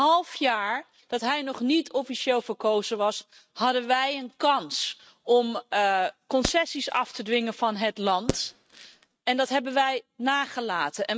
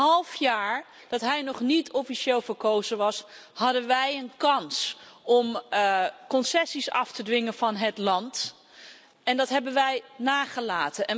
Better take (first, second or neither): second